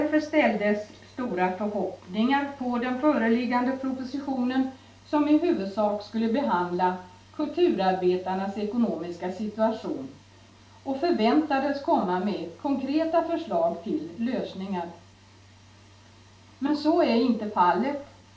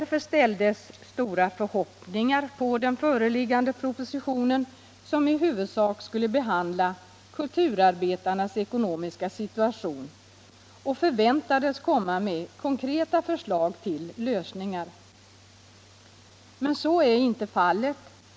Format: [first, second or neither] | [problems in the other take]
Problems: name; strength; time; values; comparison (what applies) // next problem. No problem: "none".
second | room echo; dies away in 0.3 s